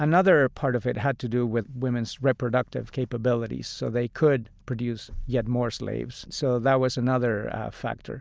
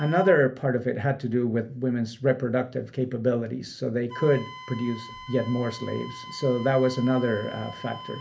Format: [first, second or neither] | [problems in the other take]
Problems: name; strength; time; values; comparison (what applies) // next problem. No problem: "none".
first | background sound (Wind instrument, woodwind instrument); 18 dB below the speech // room echo; dies away in 0.3 s